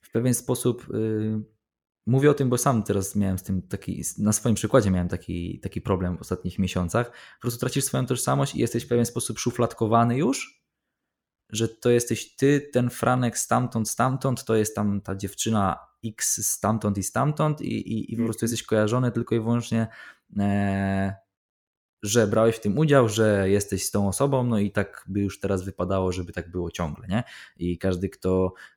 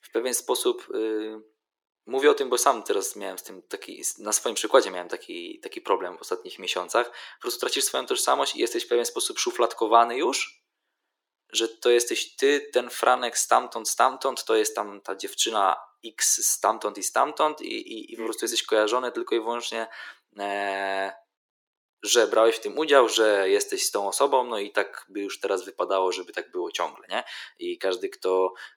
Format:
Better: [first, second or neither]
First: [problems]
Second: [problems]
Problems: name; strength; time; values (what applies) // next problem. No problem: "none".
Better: first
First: none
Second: thin; very; fading below 350 Hz